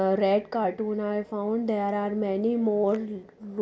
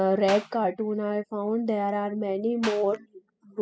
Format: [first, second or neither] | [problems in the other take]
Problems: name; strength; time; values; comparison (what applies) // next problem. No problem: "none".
first | noise reduction (classical method spectral subtraction)